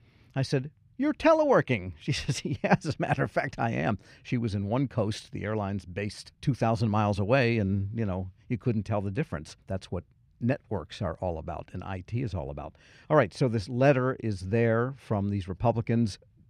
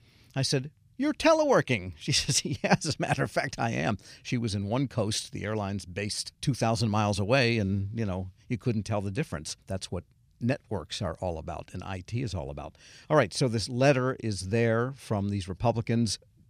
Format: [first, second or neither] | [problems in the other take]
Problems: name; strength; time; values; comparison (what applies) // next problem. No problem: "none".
second | muffled; slightly; fading above 3.5 kHz